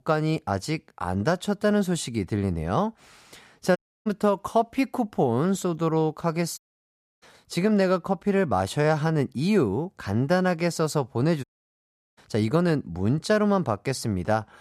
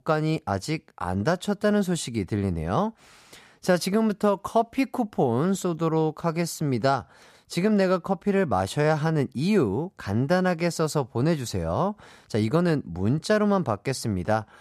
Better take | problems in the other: second | audio cutting out; at 4 s, at 6.5 s for 0.5 s and at 11 s for 0.5 s

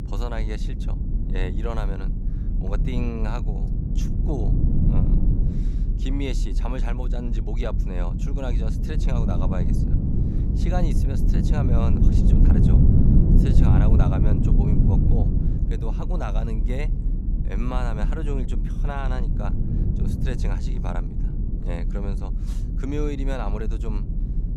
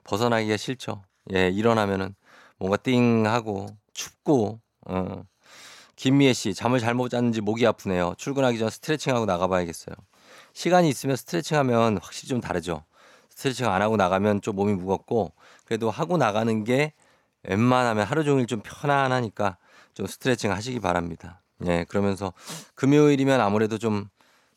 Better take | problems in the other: second | low rumble; loud; throughout; as loud as the speech

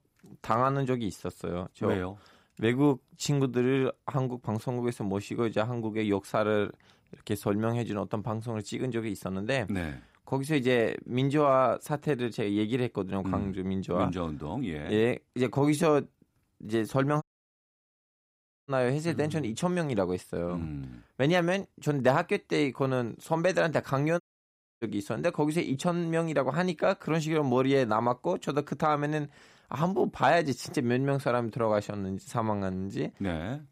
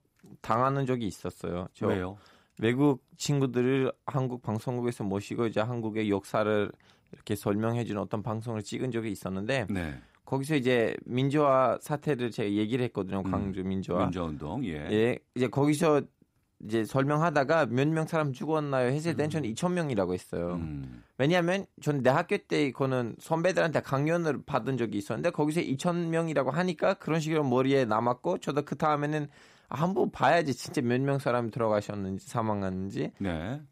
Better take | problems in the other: second | audio cutting out; at 17 s for 1.5 s and at 24 s for 0.5 s

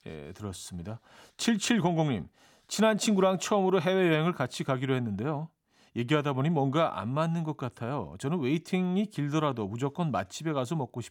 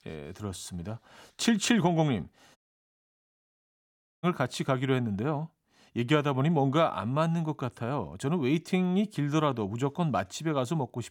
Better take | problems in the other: first | audio cutting out; at 2.5 s for 1.5 s

